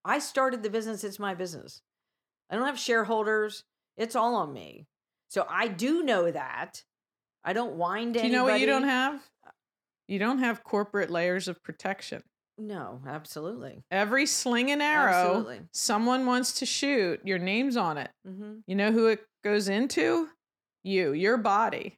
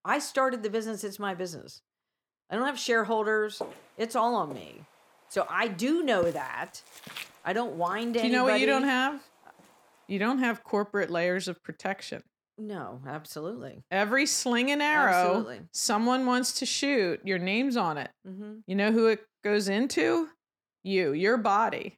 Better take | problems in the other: first | footsteps; faint; from 3.5 to 8 s; peak 15 dB below the speech

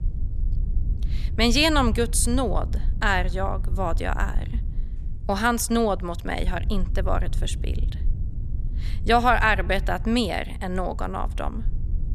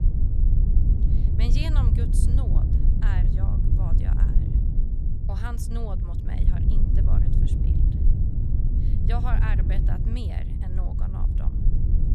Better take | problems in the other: first | low rumble; loud; throughout; as loud as the speech; faint in the first

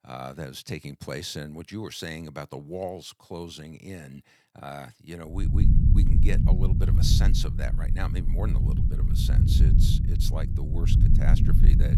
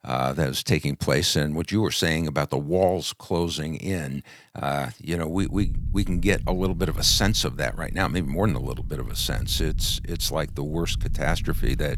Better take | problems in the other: second | low rumble; loud; from 5.5 s on; 1 dB below the speech; faint in the second

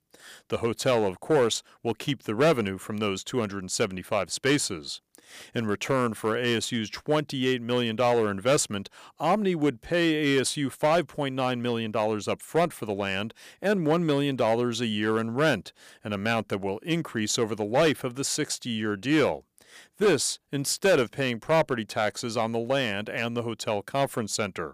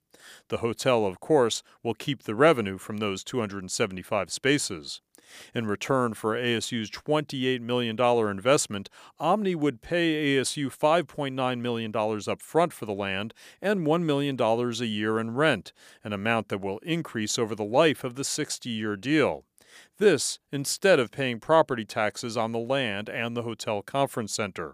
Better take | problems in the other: second | distortion; slight; 3% of the sound clipped

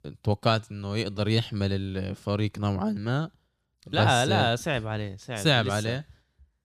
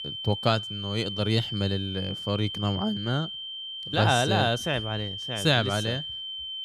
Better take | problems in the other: first | high-pitched whine; loud; throughout; 3 kHz, 6 dB below the speech

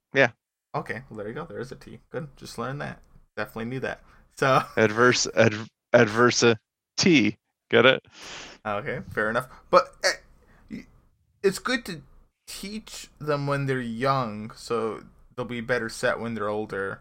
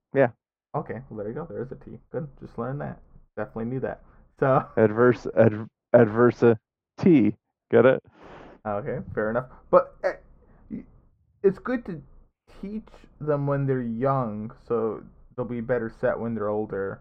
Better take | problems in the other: first | muffled; very; fading above 2.5 kHz

